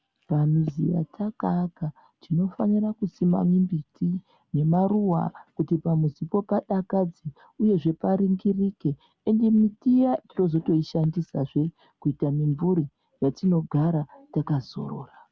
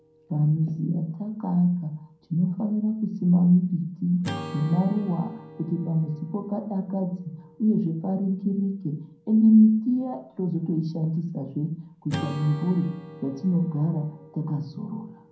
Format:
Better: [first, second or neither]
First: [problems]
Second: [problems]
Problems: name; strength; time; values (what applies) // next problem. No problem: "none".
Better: first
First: none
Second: background sound (Acoustic guitar / Strum); 18 dB below the speech // room echo; dies away in 0.5 s